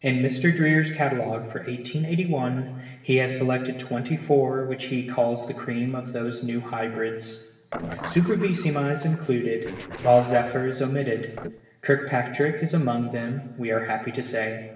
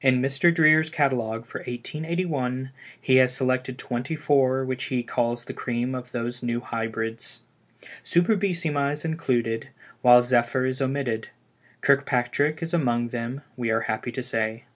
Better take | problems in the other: second | noise reduction (neural separator model SepFormer DNS4)

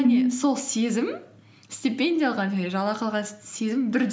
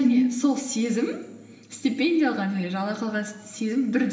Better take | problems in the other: first | room echo; dies away in 2.9 s

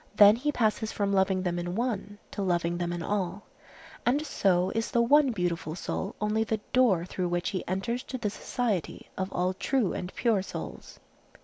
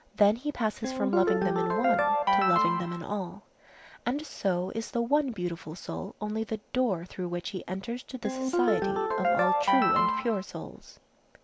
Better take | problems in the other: first | background sound (Ringtone); 4 dB above the speech

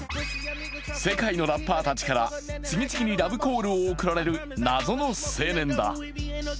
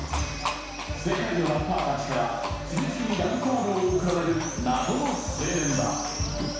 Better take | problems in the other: first | background sound (Livestock, farm animals, working animals); 8 dB below the speech // room echo; dies away in 1.1 s

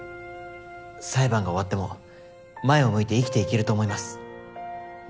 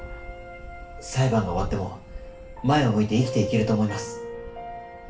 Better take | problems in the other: first | background sound (Fixed-wing aircraft, airplane); 15 dB below the speech // room echo; dies away in 0.3 s

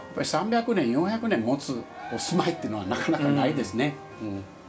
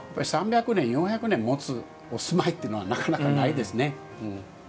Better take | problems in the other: second | background sound (Cheering); 16 dB below the speech // room echo; dies away in 0.2 s

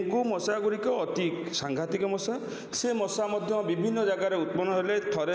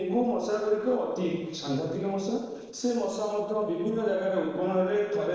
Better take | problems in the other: first | noise reduction (neural separator model SepFormer DNS4)

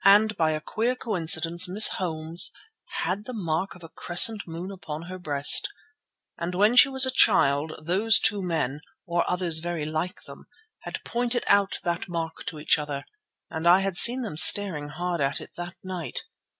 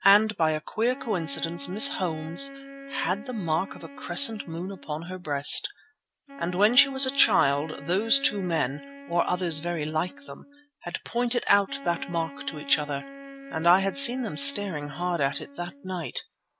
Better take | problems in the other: first | background sound (Wind instrument, woodwind instrument); 15 dB below the speech

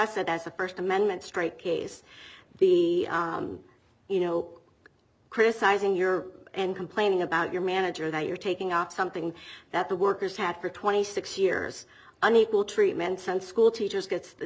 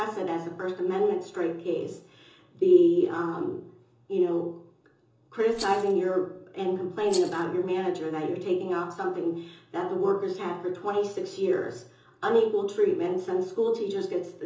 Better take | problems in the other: first | background sound (Rattle); 17 dB below the speech // room echo; dies away in 0.6 s

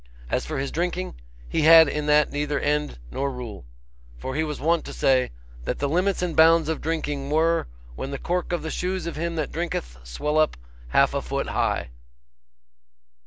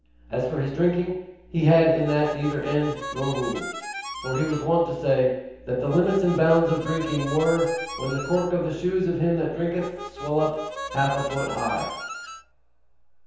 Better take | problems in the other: first | background sound (Harmonica); 11 dB below the speech // room echo; dies away in 0.9 s

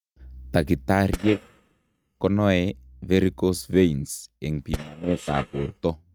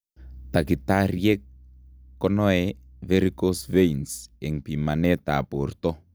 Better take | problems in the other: second | noise reduction (neural mask model RNNoise)

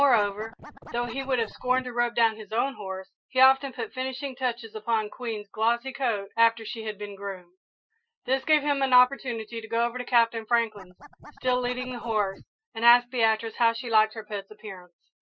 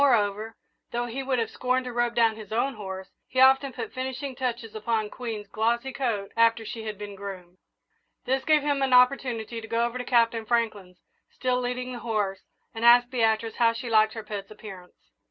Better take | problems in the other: second | noise reduction (classical method Wiener filter)

